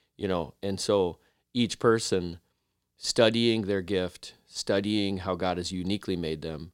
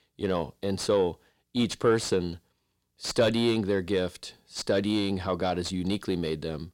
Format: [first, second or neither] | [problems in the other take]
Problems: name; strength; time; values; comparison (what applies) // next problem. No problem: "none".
first | distortion; slight; 10 dB below the speech